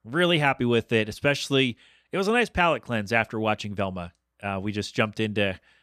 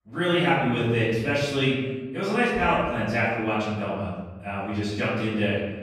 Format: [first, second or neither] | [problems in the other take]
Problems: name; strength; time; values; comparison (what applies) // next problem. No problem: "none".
first | room echo; strong; dies away in 1.3 s // off-mic speech; far